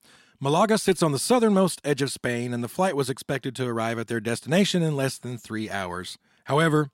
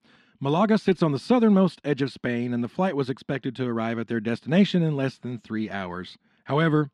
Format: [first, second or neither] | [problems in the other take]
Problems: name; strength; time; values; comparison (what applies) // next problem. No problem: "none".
first | muffled; very slightly; fading above 3 kHz